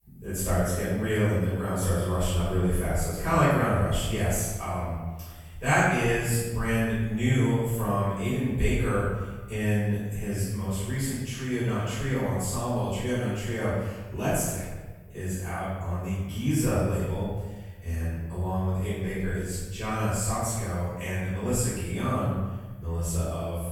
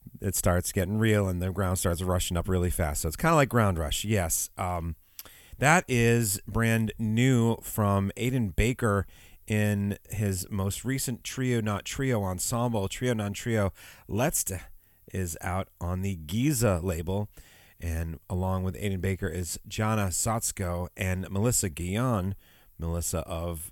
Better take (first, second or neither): second